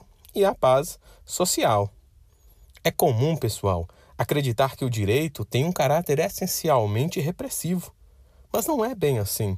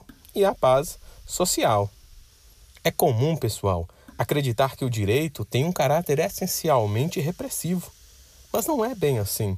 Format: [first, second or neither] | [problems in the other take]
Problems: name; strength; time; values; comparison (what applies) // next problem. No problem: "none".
first | hiss; faint; throughout; 30 dB below the speech